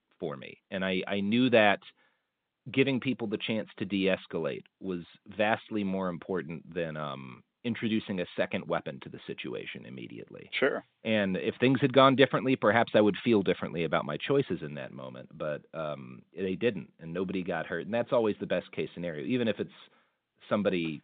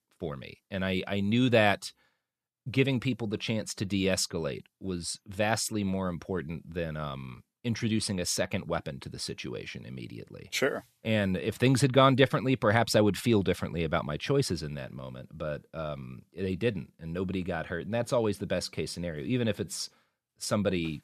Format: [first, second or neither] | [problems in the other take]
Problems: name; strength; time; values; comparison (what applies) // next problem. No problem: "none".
second | phone-call audio; nothing above 3.5 kHz